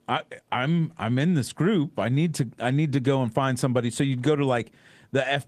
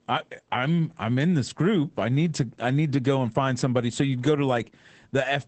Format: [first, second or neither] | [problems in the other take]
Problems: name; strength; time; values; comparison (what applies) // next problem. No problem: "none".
first | garbled, watery; badly; nothing above 8 kHz; slightly in the first